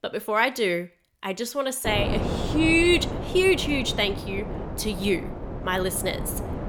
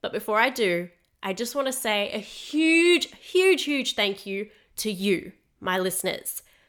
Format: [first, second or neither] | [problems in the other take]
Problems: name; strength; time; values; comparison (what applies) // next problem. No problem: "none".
second | wind noise on the microphone; occasional gusts; from 2 s on; 10 dB below the speech